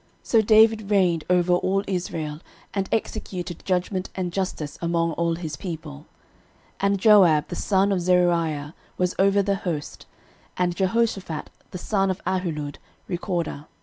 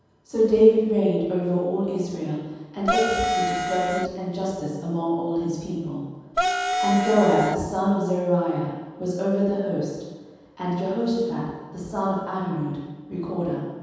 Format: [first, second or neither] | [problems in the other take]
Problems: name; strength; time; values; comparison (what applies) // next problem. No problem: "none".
first | background sound (Wind instrument, woodwind instrument); as loud as the speech // room echo; dies away in 1.2 s